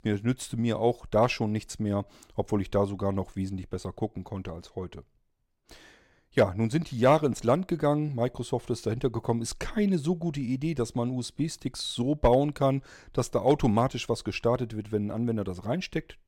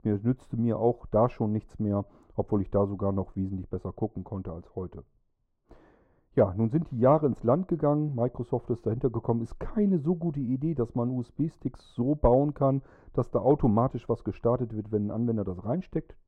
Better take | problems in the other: first | muffled; very; fading above 1.5 kHz

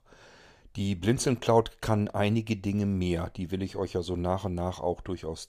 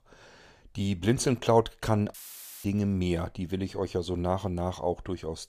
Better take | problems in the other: first | audio cutting out; filled with static; at 2 s for 0.5 s

